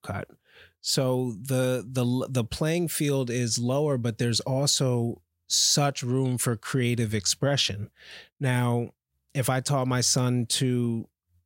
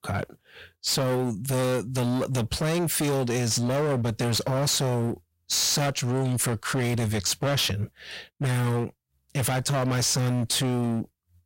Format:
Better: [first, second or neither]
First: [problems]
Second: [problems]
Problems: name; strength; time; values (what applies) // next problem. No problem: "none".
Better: first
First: none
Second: distortion; heavy; 29% of the sound clipped